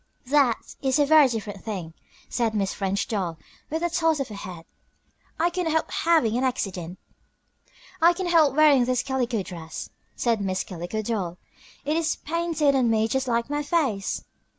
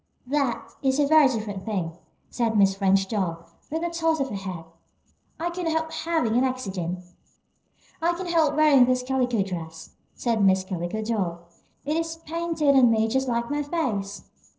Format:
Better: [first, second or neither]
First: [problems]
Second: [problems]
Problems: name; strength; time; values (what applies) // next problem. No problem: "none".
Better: first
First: none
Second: noise reduction (neural separator model SepFormer DNS4)